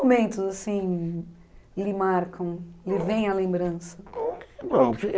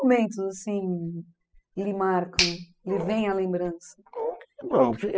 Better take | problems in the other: first | noise reduction (classical method spectral subtraction)

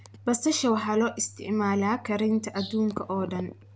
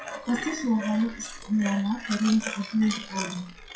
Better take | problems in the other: first | noise reduction (classical method WPE with log-MMSE)

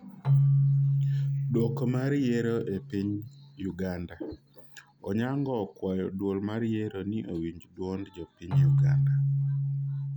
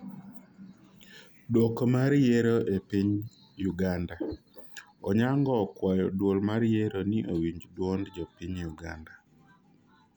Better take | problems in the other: second | background sound (Keyboard (musical)); 3 dB above the speech

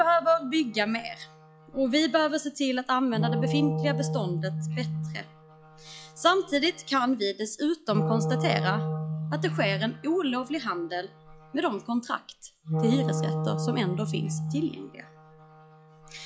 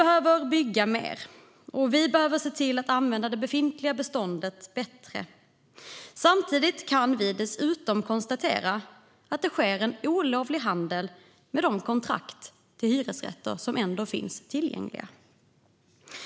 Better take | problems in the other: second | noise reduction (classical method log-MMSE)

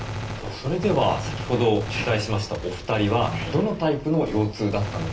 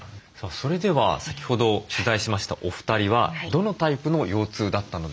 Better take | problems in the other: second | background sound (Gunshot, gunfire); 9 dB below the speech // room echo; dies away in 0.3 s

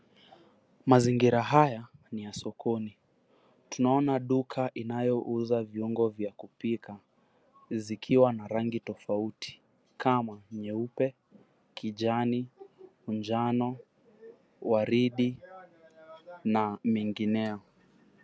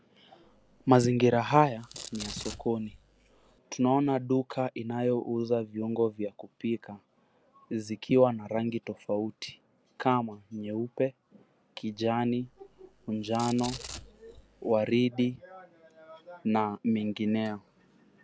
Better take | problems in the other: first | background sound (Domestic sounds, home sounds); 17 dB below the speech

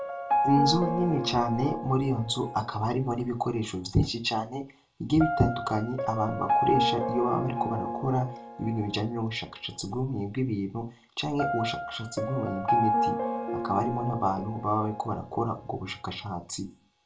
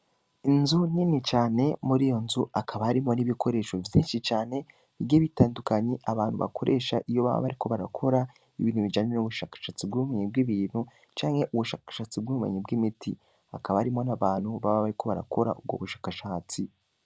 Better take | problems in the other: second | background sound (Piano); 3 dB below the speech // room echo; dies away in 0.2 s

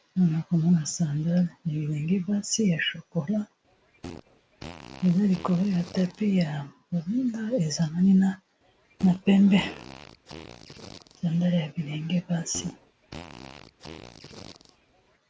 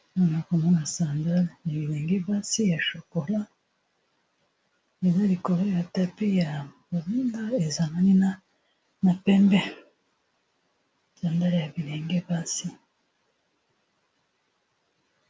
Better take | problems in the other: second | background sound (Fart); 19 dB below the speech

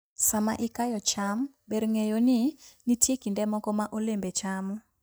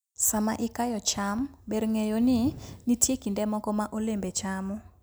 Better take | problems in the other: second | noise reduction (neural mask model DeepFilterNet 3)

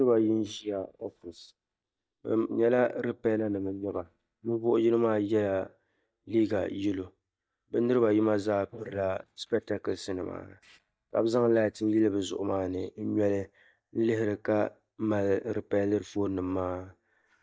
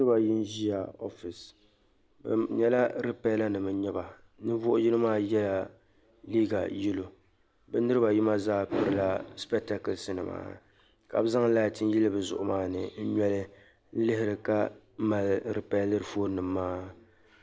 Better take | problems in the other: second | noise reduction (neural mask model DeepFilterNet 3)

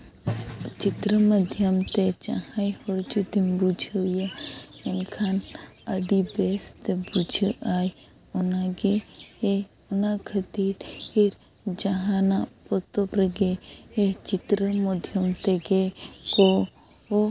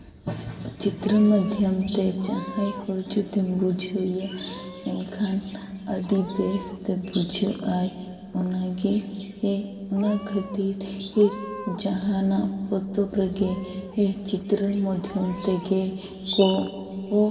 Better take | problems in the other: first | background sound (Meow / Purr); 19 dB below the speech // room echo; dies away in 2.6 s

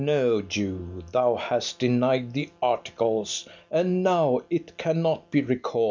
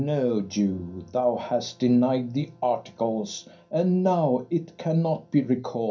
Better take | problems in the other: first | room echo; dies away in 0.3 s

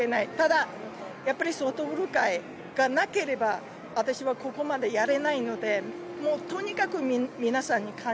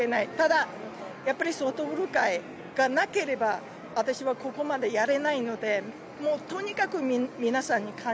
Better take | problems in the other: second | background sound (Wind instrument, woodwind instrument); 14 dB below the speech

